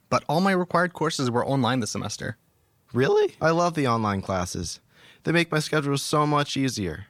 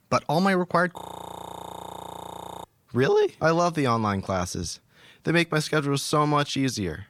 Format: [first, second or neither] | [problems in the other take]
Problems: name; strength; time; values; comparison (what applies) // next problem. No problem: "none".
first | audio freezing; at 1 s for 1.5 s